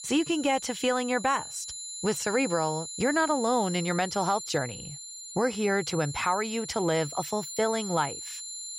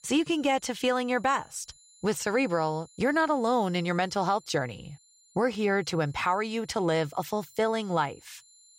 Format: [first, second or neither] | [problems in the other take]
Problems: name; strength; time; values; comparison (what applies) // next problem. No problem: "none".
second | high-pitched whine; loud; throughout; 7 kHz, 9 dB below the speech; faint in the second